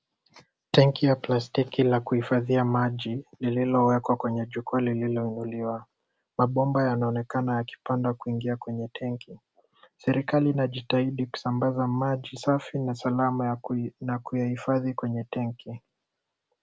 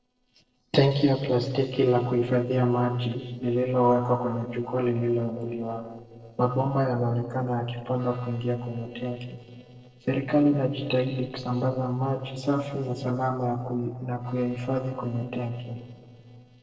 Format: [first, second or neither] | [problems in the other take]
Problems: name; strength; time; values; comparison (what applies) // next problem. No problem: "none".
first | noise reduction (neural separator model SepFormer DNS4)